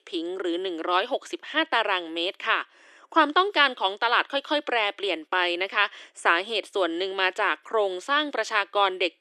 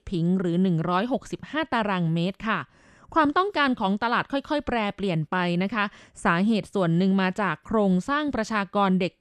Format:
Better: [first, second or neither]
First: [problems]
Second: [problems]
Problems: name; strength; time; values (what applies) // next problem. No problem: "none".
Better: second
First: thin; very; fading below 300 Hz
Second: none